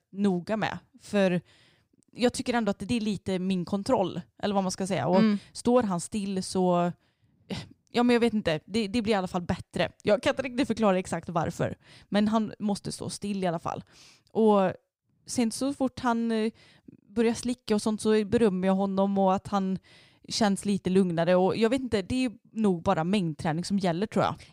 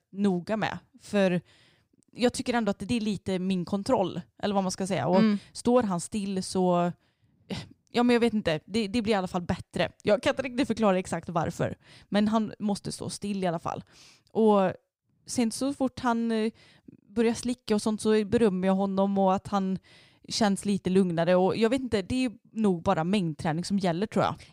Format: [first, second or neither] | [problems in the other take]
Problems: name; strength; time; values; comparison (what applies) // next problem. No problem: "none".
neither | none